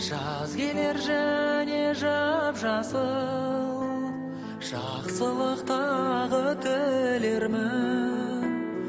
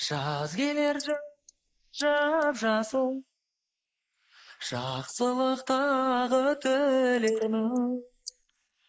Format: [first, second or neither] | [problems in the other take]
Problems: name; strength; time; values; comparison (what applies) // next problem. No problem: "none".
first | noise reduction (neural mask model Resemble Enhance denoiser)